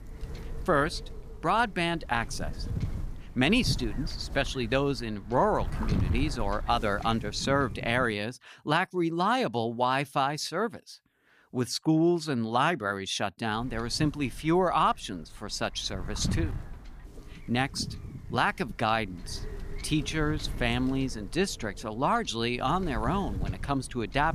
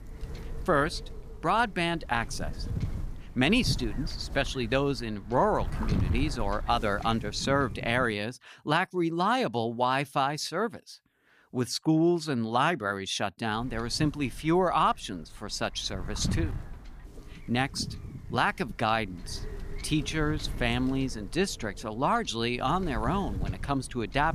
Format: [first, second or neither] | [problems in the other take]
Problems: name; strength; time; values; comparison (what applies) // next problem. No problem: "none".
neither | wind noise on the microphone; occasional gusts; until 8 s and from 14 s on; 20 dB below the speech; the same in both